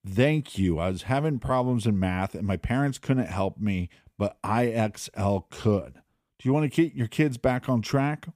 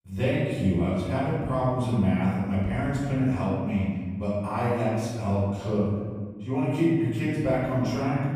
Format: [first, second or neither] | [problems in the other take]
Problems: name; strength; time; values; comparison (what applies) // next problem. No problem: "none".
first | room echo; strong; dies away in 1.6 s // off-mic speech; far